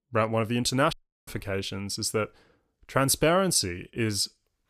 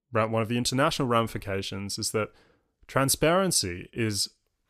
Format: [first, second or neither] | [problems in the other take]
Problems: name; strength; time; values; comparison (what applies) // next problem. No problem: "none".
second | audio cutting out; at 1 s